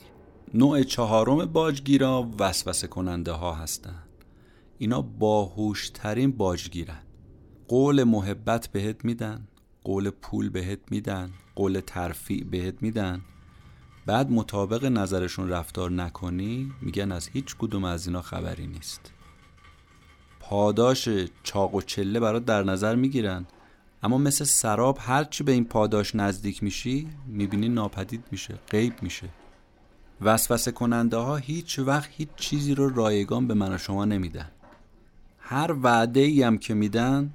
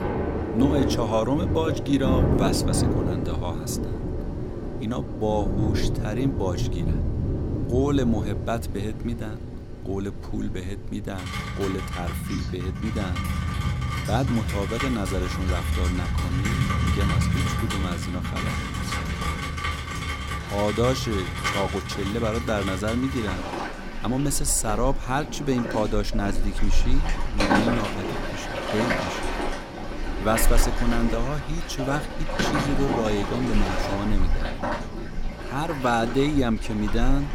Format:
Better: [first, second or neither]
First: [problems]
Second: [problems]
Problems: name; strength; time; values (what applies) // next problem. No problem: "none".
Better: first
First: rain or running water; faint; throughout; 30 dB below the speech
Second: rain or running water; loud; throughout; as loud as the speech